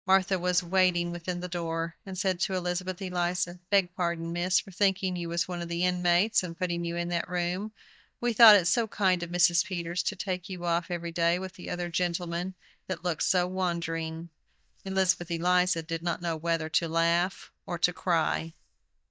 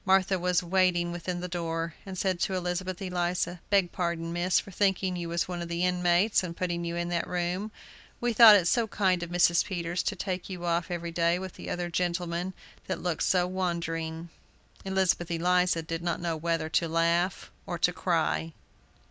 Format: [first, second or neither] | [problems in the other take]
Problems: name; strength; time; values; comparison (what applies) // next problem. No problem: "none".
second | noise reduction (neural mask model DeepFilterNet 3)